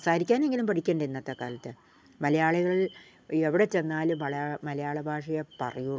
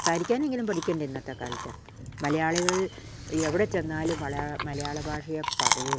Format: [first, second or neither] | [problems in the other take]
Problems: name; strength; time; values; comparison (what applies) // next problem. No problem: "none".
first | background sound (Chewing, mastication); 4 dB below the speech